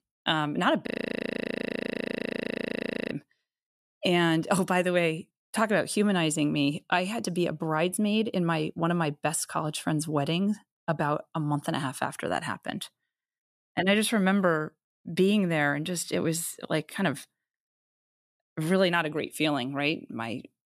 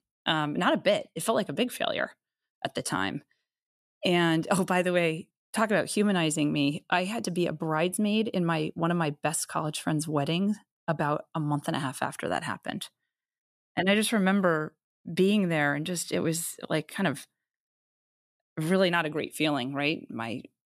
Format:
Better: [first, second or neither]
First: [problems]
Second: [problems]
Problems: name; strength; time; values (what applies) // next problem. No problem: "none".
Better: second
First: audio freezing; at 1 s for 2 s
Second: none